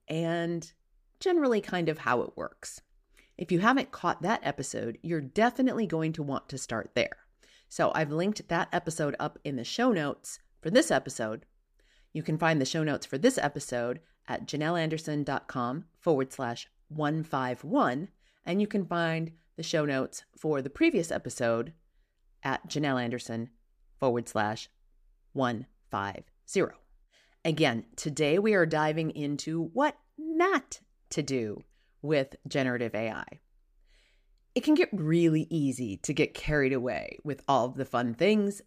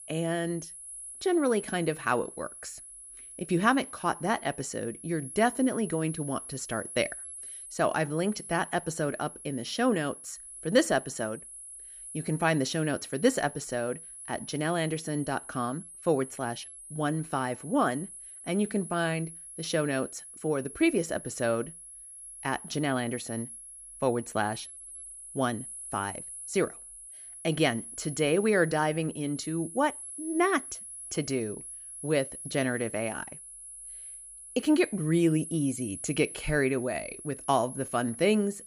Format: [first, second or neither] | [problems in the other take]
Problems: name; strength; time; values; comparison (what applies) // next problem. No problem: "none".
first | high-pitched whine; noticeable; throughout; 10.5 kHz, 10 dB below the speech